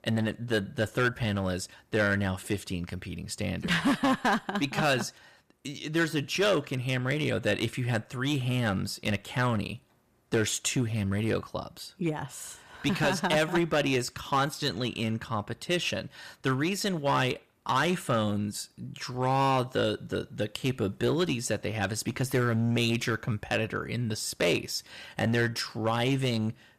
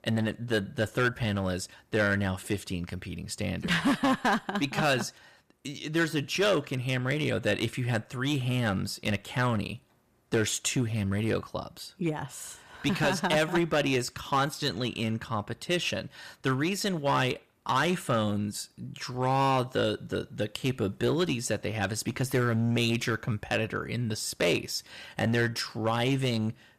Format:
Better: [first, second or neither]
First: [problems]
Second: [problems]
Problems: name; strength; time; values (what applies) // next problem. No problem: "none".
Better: neither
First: distortion; slight; 5% of the sound clipped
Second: distortion; slight; 5% of the sound clipped